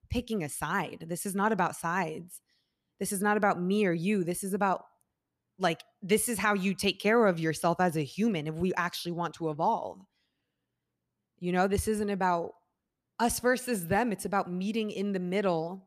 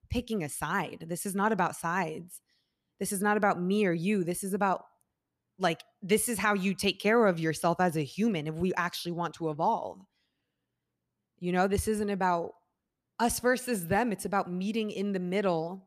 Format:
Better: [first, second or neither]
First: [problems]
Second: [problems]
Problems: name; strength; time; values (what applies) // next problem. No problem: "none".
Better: neither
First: none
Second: none